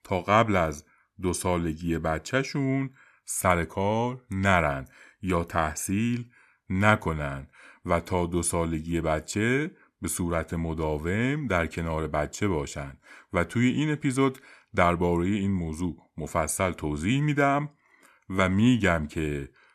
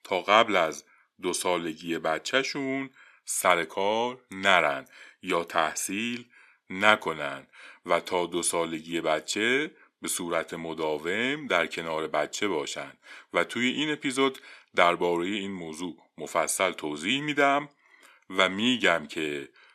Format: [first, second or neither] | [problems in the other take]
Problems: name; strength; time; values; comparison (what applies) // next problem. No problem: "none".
first | thin; somewhat; fading below 350 Hz